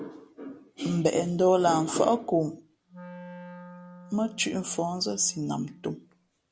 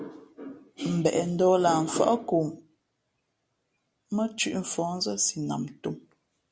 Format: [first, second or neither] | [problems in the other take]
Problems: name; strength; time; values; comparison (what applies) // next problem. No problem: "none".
second | background sound (Wind instrument, woodwind instrument); 18 dB below the speech